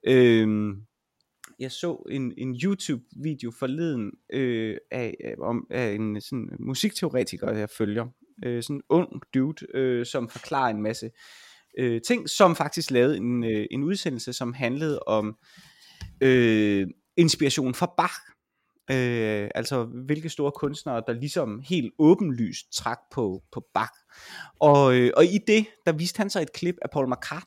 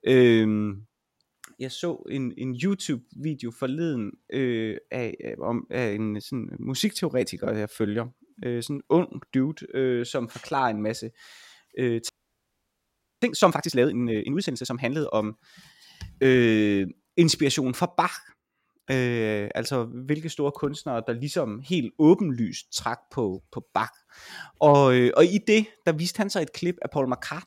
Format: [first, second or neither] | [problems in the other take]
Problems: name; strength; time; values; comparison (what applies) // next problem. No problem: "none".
first | audio freezing; at 12 s for 1 s